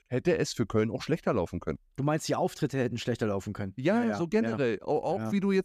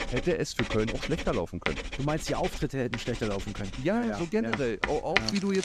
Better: first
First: none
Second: household noises; loud; throughout; 4 dB below the speech

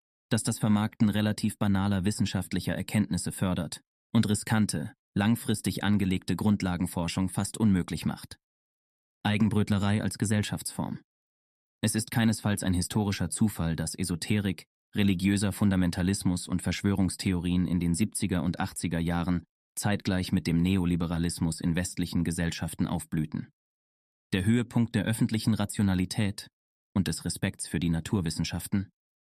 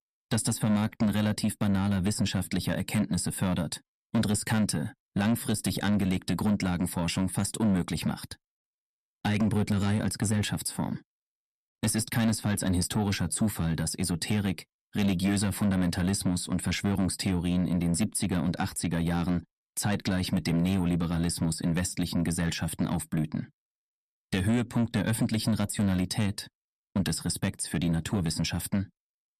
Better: first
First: none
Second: distortion; slight; 10 dB below the speech

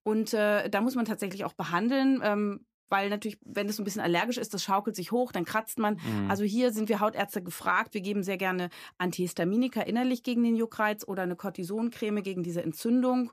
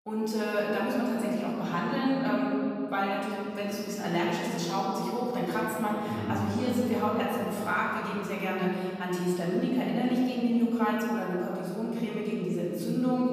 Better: first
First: none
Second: room echo; strong; dies away in 2.7 s // off-mic speech; far

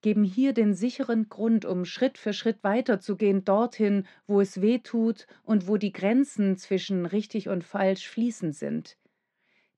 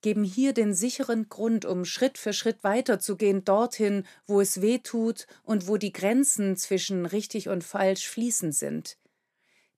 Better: second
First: muffled; slightly; fading above 4 kHz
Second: none

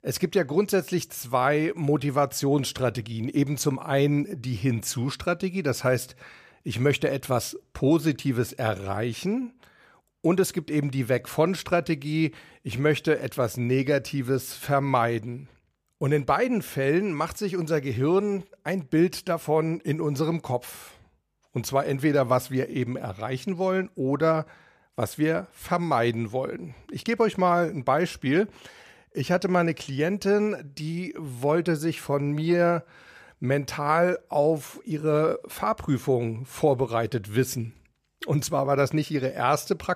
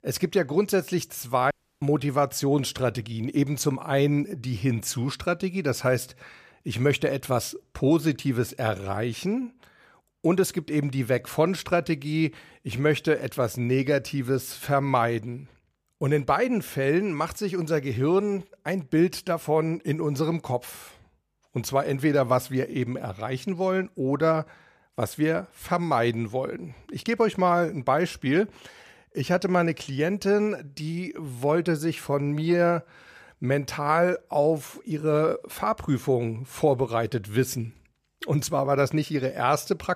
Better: first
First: none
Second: audio cutting out; at 1.5 s

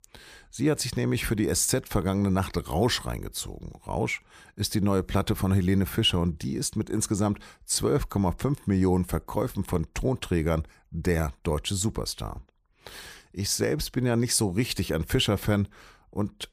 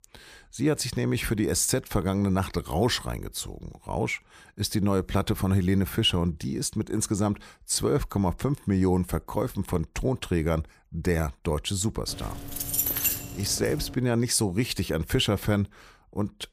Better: first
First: none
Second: jangling keys; loud; from 12 to 14 s; peak 4 dB above the speech

